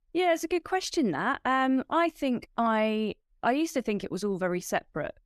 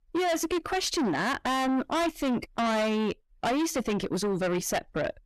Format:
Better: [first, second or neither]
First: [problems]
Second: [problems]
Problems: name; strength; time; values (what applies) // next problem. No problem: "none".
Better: first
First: none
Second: distortion; heavy; 6 dB below the speech